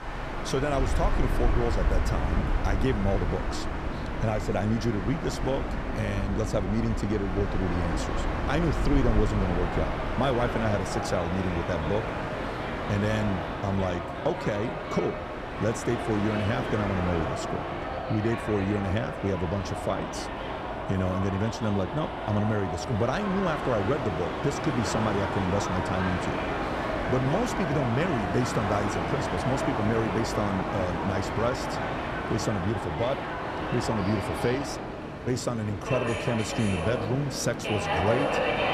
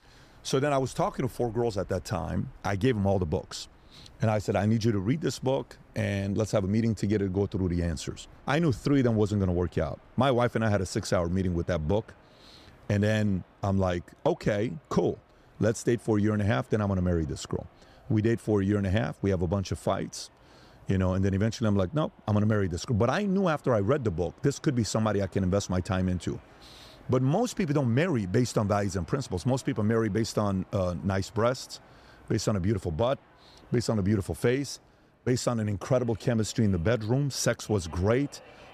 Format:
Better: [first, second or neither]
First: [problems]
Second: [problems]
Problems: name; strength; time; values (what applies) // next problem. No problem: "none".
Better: second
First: train or aircraft noise; loud; throughout; 2 dB below the speech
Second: train or aircraft noise; faint; throughout; 30 dB below the speech